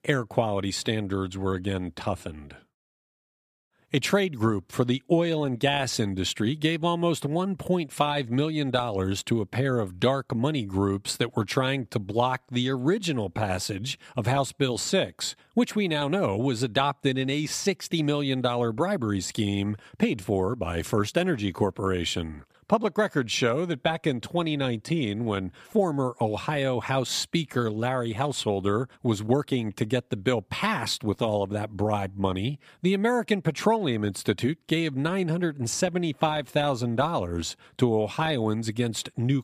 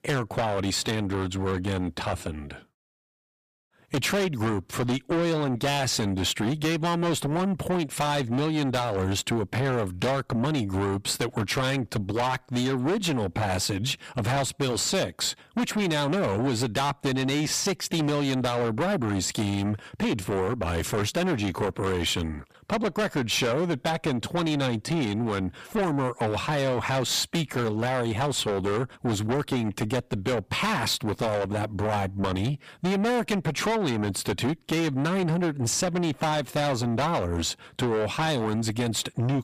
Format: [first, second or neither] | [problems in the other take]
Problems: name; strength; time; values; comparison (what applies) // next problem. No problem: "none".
first | distortion; heavy; 5 dB below the speech